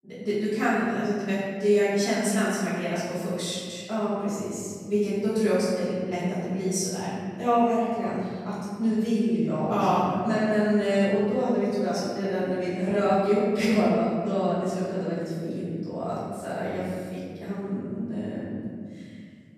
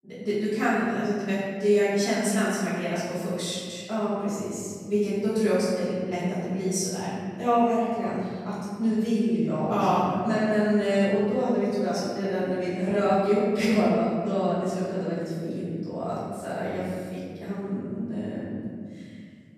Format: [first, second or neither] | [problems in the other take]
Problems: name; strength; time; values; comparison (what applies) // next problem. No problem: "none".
neither | off-mic speech; far; the same in both // room echo; strong; dies away in 2.2 s; the same in both